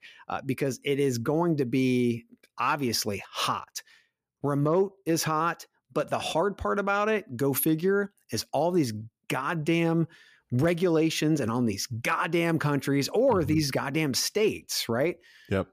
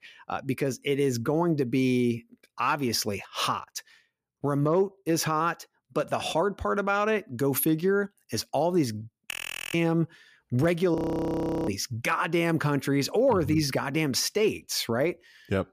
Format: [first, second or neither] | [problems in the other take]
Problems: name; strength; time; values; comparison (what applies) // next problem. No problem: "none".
first | audio freezing; at 9.5 s and at 11 s for 0.5 s